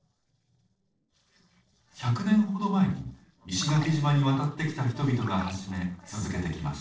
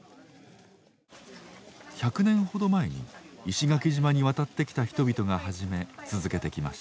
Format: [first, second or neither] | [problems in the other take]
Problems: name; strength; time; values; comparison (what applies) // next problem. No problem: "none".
second | noise reduction (neural separator model SepFormer DNS4)